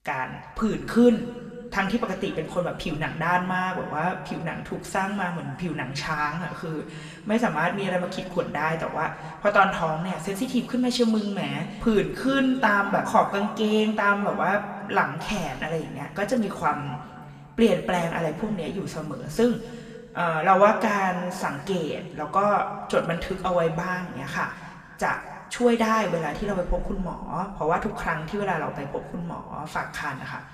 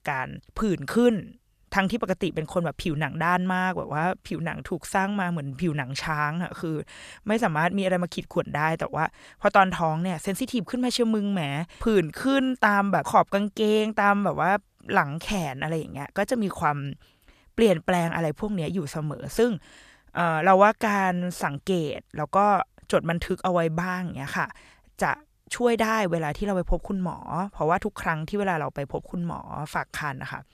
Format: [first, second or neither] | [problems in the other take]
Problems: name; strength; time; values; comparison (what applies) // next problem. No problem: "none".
second | room echo; slight; dies away in 1.9 s // off-mic speech; somewhat distant